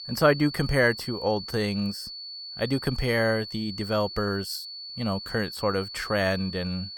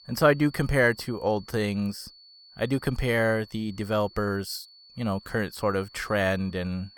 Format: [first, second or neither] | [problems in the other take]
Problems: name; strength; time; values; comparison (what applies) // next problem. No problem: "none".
second | high-pitched whine; loud; throughout; 4.5 kHz, 9 dB below the speech; faint in the second